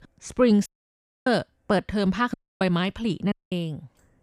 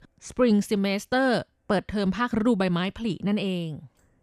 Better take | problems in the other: second | audio cutting out; at 0.5 s for 0.5 s, at 2.5 s and at 3.5 s

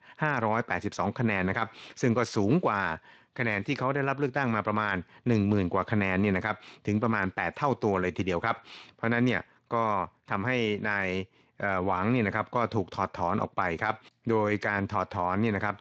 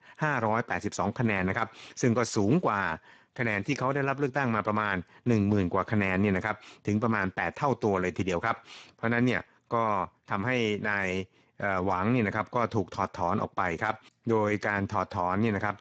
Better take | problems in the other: first | garbled, watery; badly; nothing above 7.5 kHz; slightly in the first

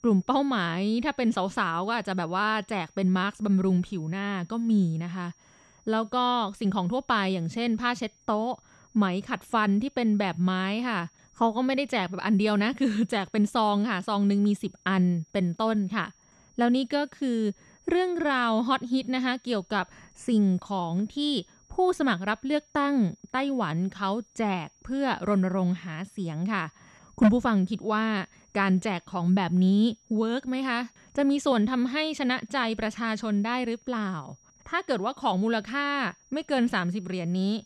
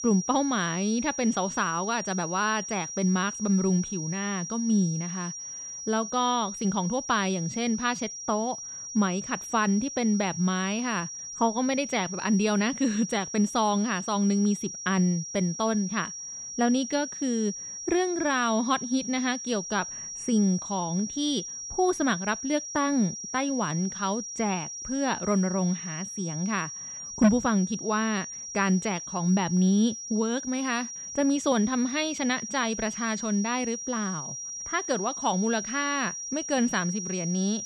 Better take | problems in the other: first | high-pitched whine; loud; throughout; 5.5 kHz, 7 dB below the speech; faint in the first

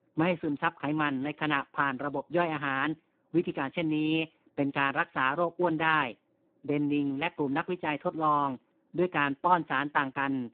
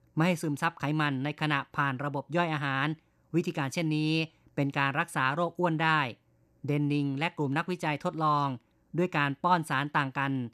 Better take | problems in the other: second | phone-call audio; poor line

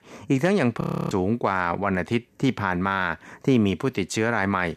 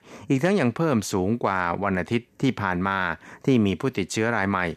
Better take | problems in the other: second | audio freezing; at 1 s

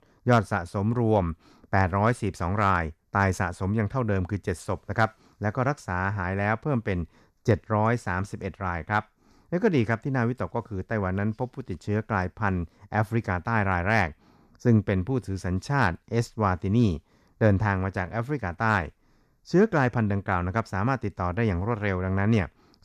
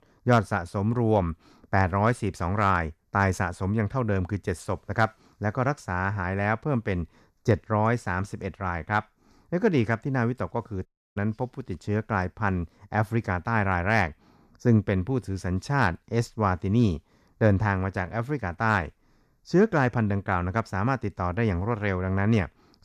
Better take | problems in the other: first | audio cutting out; at 11 s

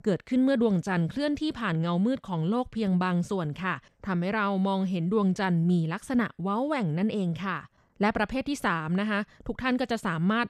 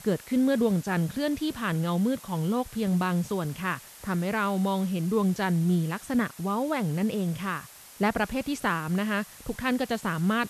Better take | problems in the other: first | hiss; noticeable; throughout; 20 dB below the speech

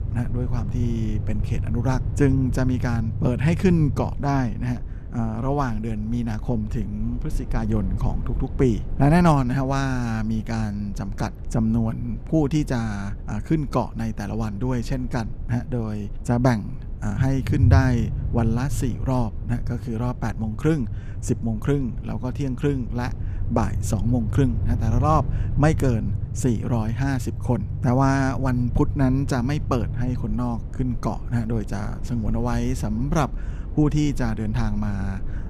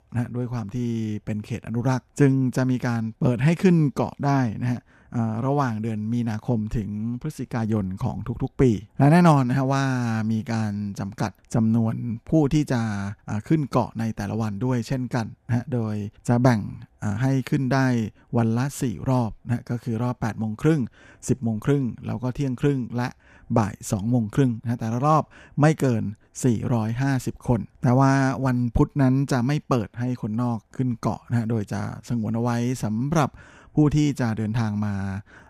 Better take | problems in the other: second | low rumble; noticeable; throughout; 15 dB below the speech

